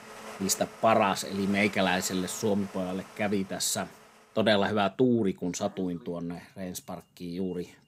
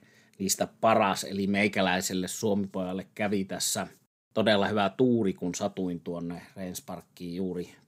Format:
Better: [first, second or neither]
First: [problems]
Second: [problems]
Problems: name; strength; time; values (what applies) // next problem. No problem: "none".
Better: second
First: household noises; noticeable; throughout; 15 dB below the speech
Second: none